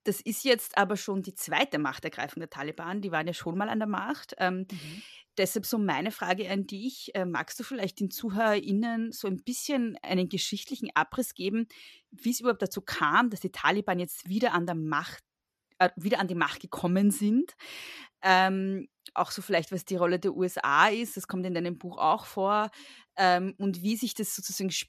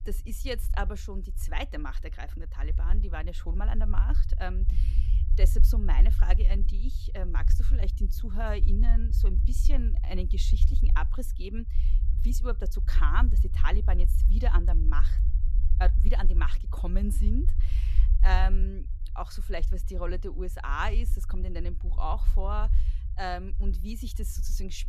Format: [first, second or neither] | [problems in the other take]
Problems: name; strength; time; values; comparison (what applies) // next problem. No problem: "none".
first | low rumble; noticeable; throughout; 15 dB below the speech